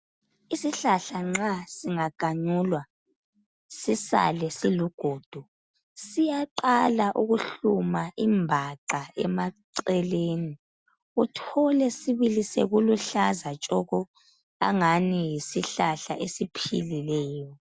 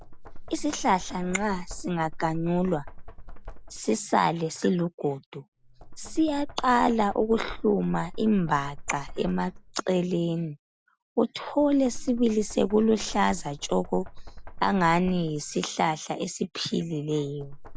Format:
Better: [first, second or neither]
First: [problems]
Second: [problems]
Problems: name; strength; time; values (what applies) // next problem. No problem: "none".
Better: first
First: none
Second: background sound (Knock); 12 dB below the speech